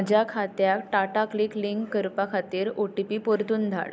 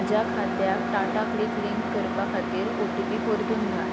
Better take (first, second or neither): first